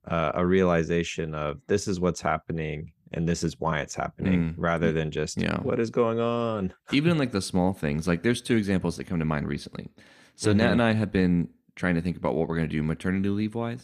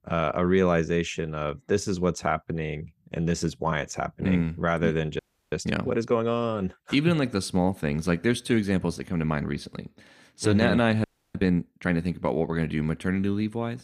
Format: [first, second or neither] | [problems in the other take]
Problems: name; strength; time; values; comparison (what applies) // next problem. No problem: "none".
first | audio freezing; at 5 s and at 11 s